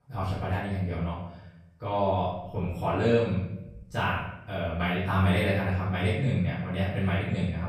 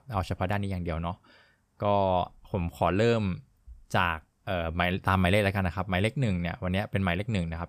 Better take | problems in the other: second | room echo; noticeable; dies away in 0.8 s // off-mic speech; far

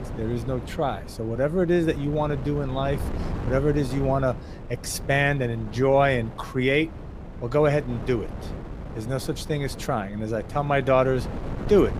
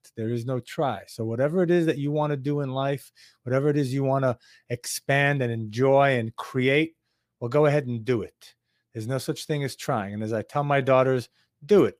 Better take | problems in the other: second | wind noise on the microphone; occasional gusts; 15 dB below the speech

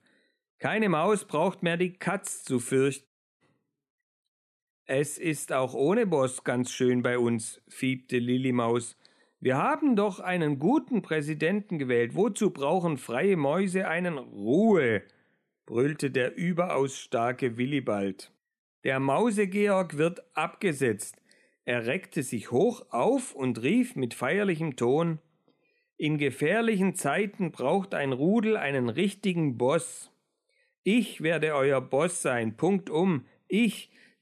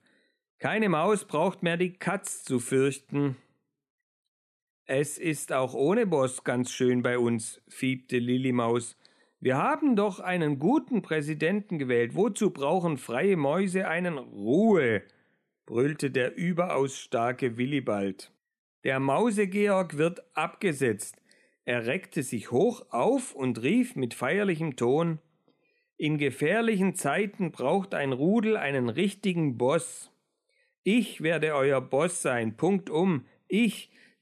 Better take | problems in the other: second | audio cutting out; at 3 s

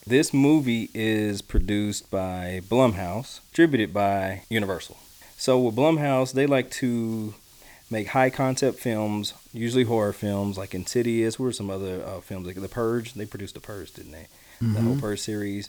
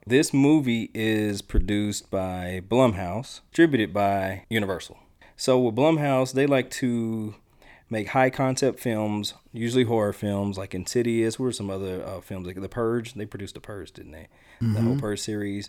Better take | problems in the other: second | hiss; faint; throughout; 25 dB below the speech

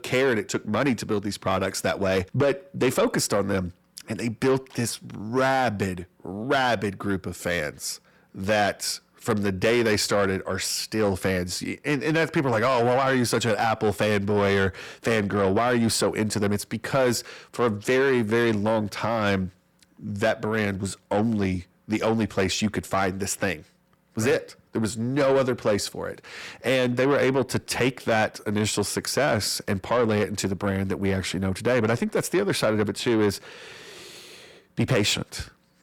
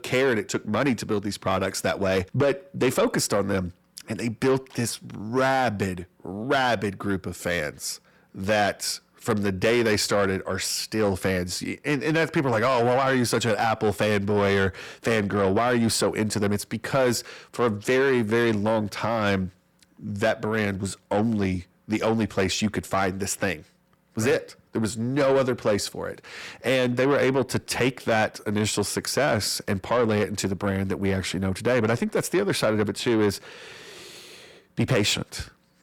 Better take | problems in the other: neither | distortion; slight; 10 dB below the speech; the same in both

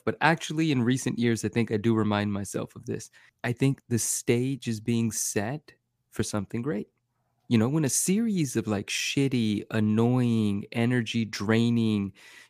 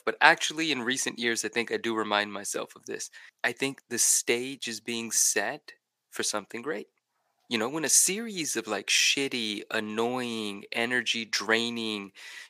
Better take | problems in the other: first | thin; very; fading below 500 Hz

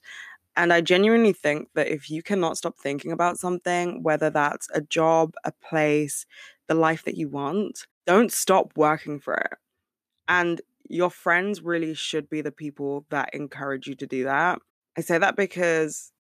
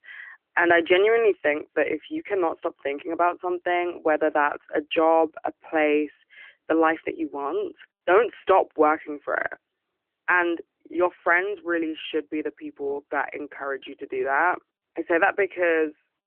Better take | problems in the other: first | phone-call audio; nothing above 3 kHz

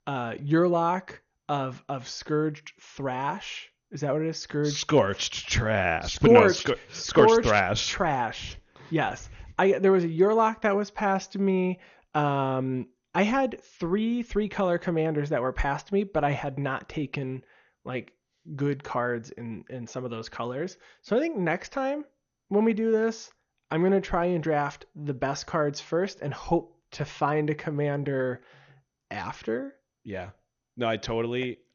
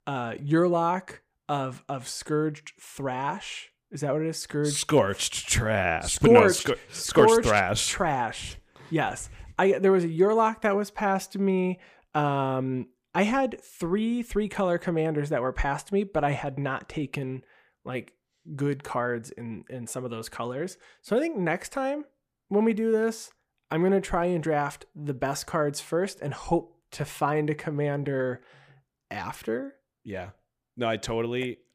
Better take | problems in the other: second | garbled, watery; slightly; nothing above 6.5 kHz

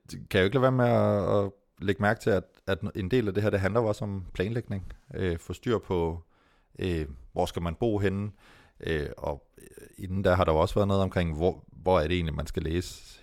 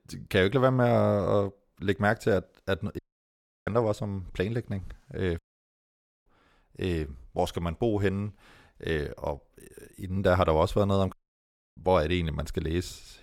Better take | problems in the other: first | audio cutting out; at 3 s for 0.5 s, at 5.5 s for 1 s and at 11 s for 0.5 s

